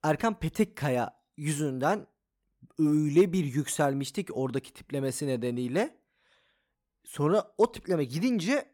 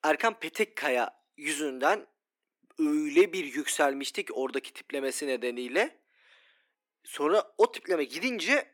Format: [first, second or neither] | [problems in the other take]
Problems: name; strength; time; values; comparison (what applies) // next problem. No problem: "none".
first | thin; somewhat; fading below 300 Hz